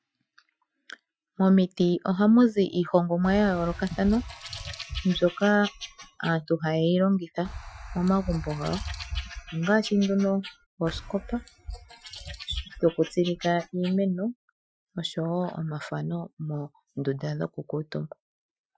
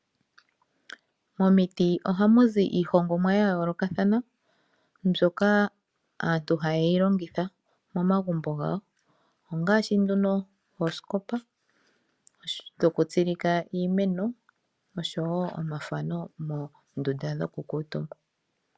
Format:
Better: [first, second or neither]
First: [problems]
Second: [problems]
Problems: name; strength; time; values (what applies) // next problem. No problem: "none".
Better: second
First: noise reduction (classical method Wiener filter)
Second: none